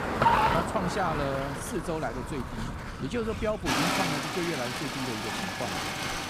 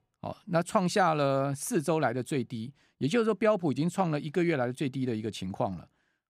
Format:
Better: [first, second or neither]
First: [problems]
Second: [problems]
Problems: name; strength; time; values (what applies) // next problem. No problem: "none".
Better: second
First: traffic noise; very loud; throughout; 3 dB above the speech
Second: none